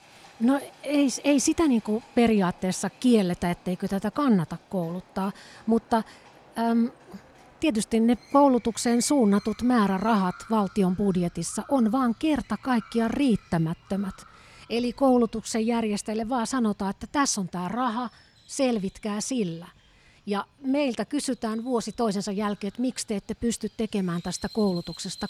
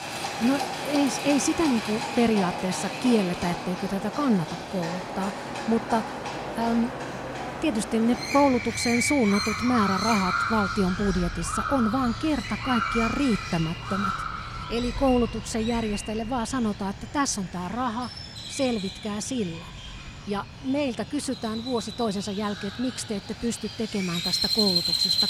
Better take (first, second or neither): first